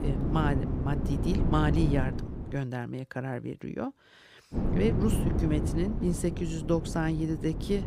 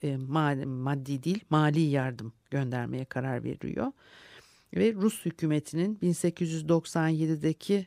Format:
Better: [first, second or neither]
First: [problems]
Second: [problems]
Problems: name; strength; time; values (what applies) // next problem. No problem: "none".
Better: second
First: wind noise on the microphone; heavy; until 2.5 s and from 4.5 s on; 5 dB below the speech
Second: none